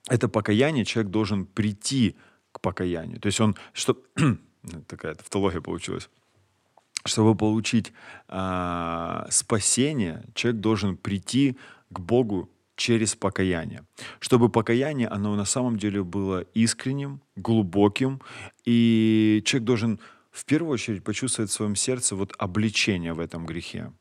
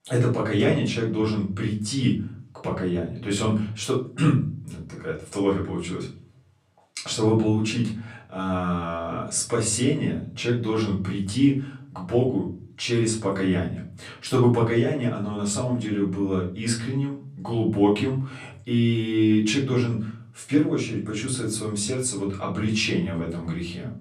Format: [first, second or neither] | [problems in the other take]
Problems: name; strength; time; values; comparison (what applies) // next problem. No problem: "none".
first | off-mic speech; far // room echo; slight; dies away in 0.4 s